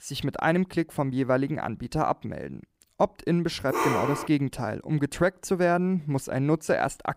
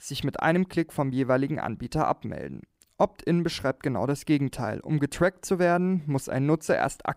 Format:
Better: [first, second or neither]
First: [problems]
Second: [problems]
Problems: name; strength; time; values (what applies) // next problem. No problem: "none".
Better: second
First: dog barking; loud; at 3.5 s; peak 1 dB above the speech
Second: none